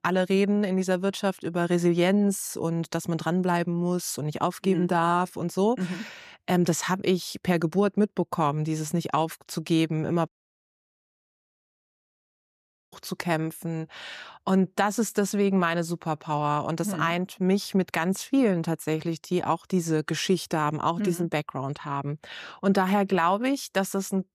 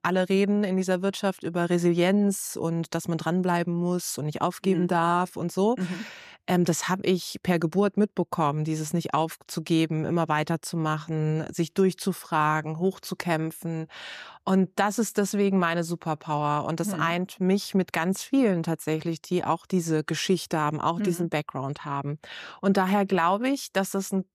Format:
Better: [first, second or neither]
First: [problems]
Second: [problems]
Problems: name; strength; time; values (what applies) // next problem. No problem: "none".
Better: second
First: audio cutting out; at 10 s for 2.5 s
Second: none